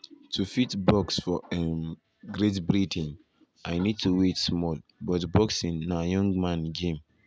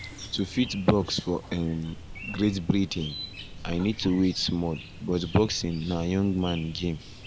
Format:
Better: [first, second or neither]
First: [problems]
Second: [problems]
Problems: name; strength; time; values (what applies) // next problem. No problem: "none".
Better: first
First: none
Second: background sound (Chirp, tweet); 13 dB below the speech